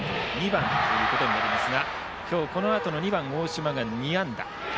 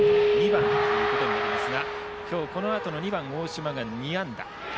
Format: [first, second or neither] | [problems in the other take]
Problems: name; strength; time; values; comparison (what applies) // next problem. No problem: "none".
first | background sound (Keyboard (musical)); 1 dB above the speech